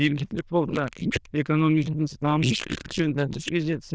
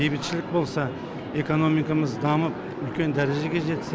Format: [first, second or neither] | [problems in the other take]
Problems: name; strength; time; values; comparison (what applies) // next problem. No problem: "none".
second | noise reduction (neural diffusion model UNIVERSE++)